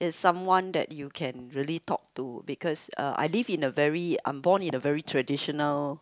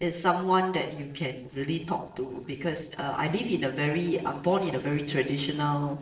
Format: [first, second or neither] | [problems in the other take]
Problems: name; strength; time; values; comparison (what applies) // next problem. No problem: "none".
first | noise reduction (neural separator model SepFormer DNS4)